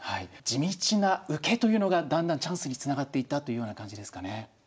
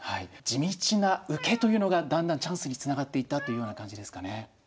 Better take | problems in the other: first | background sound (Cat); 18 dB below the speech

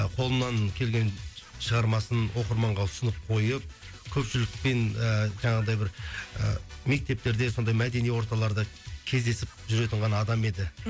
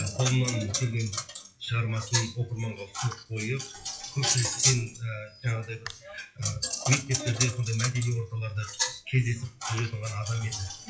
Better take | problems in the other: first | noise reduction (classical method WPE with log-MMSE)

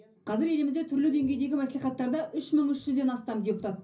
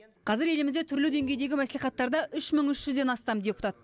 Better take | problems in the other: second | room echo; dies away in 0.5 s

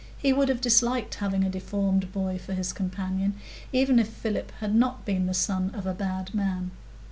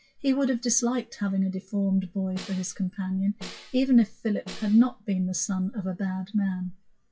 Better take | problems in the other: first | noise reduction (classical method WPE with log-MMSE)

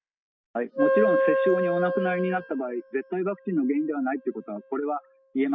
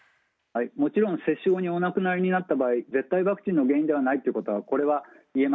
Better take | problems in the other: second | noise reduction (classical method spectral subtraction)

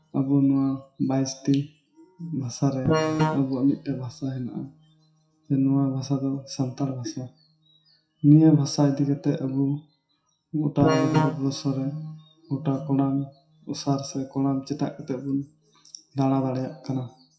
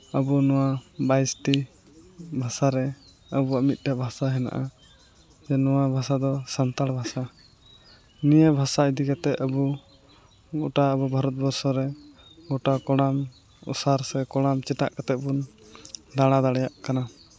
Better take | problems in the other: second | noise reduction (classical method WPE with log-MMSE)

